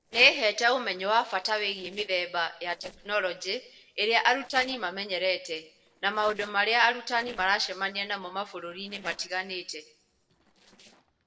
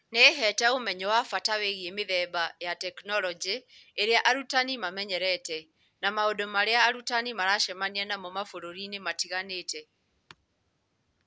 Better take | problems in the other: second | noise reduction (neural separator model SepFormer DNS4)

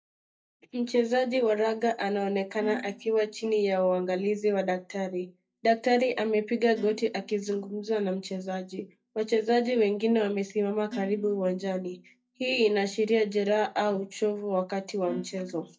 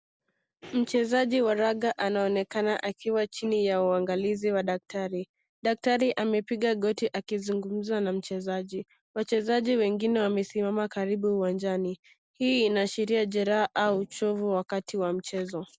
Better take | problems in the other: second | noise reduction (neural mask model DeepFilterNet 3)

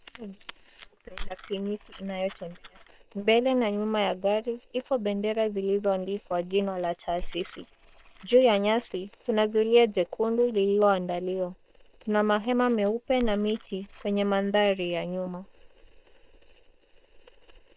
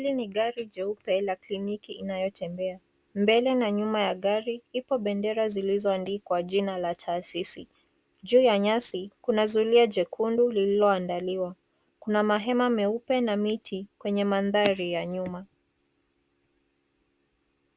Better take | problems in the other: second | noise reduction (neural separator model SepFormer WHAM!)

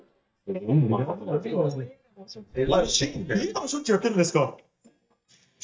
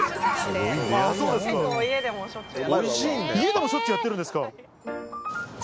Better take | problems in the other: second | noise reduction (neural mask model DeepFilterNet 3)

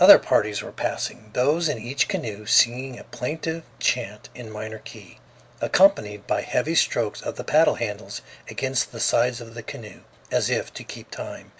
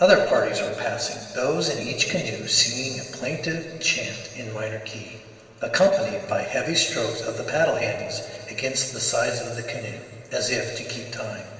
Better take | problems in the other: first | room echo; dies away in 2.3 s

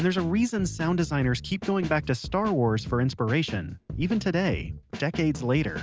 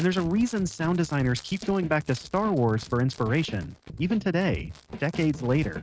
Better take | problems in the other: first | noise reduction (neural mask model RNNoise)

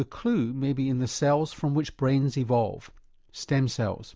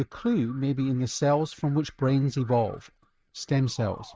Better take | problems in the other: first | noise reduction (neural mask model RNNoise)

